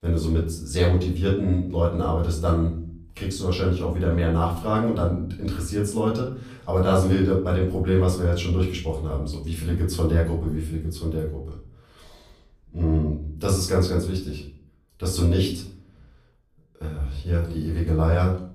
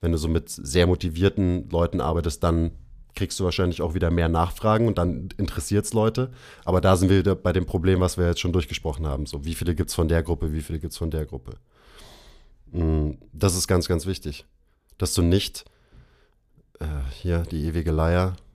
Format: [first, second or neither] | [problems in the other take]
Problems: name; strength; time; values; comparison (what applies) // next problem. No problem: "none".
second | off-mic speech; far // room echo; slight; dies away in 0.5 s